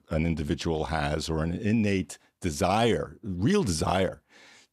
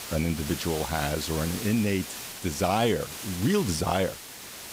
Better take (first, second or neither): first